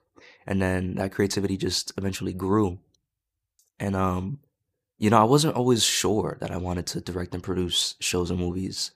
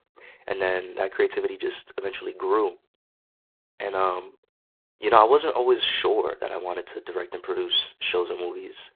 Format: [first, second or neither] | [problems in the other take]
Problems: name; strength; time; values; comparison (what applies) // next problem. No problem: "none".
first | phone-call audio; poor line; nothing above 3.5 kHz